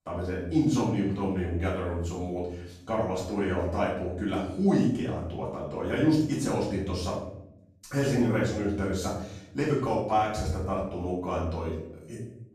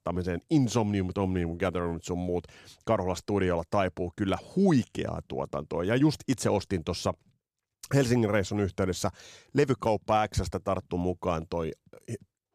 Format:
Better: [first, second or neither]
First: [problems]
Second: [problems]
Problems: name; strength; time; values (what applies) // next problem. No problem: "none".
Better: second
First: off-mic speech; far // room echo; noticeable; dies away in 0.7 s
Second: none